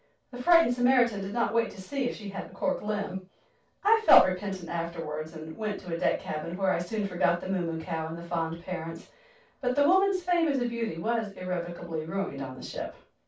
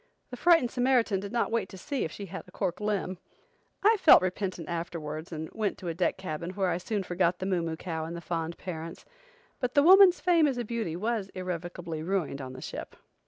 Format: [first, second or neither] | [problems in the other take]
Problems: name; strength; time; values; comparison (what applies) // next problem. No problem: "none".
second | room echo; dies away in 0.2 s